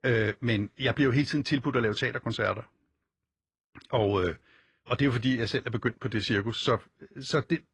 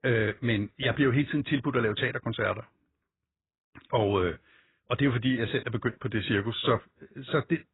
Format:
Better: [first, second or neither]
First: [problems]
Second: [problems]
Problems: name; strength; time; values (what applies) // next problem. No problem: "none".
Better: first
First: garbled, watery; slightly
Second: garbled, watery; badly; nothing above 4 kHz